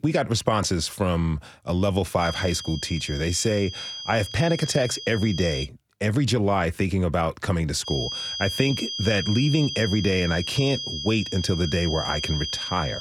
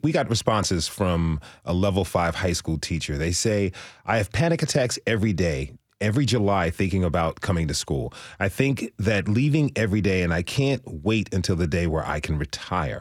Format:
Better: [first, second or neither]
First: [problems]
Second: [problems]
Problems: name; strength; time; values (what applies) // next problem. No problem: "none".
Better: second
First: high-pitched whine; loud; from 2 to 5.5 s and from 8 s on; 3 kHz, 6 dB below the speech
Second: none